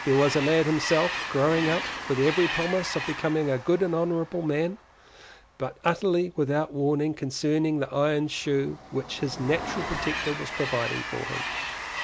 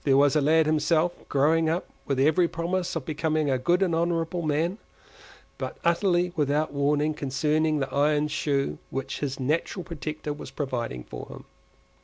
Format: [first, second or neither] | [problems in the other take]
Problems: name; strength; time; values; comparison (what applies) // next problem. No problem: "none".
second | background sound (Train); 8 dB below the speech